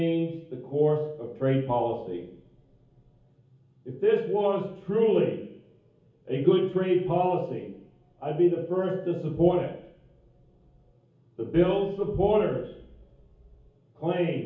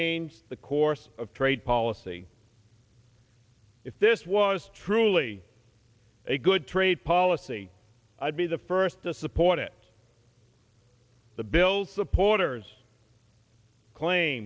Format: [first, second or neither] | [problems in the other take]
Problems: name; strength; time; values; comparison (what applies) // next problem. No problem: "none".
second | room echo; dies away in 0.7 s